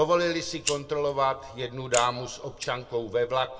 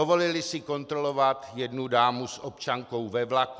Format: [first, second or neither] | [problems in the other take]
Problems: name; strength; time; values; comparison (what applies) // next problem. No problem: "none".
second | background sound (Fire); 11 dB below the speech // room echo; dies away in 1.3 s